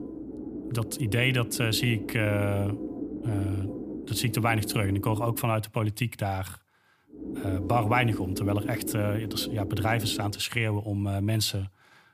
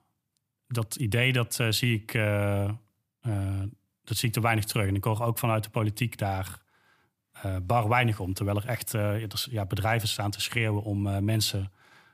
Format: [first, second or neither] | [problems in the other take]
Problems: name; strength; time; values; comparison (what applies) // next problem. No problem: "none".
second | low rumble; loud; until 5.5 s and from 7 to 10 s; 10 dB below the speech